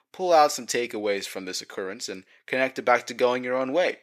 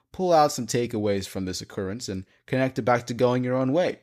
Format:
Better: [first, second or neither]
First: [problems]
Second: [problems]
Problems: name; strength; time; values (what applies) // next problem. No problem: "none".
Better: second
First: thin; somewhat; fading below 400 Hz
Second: none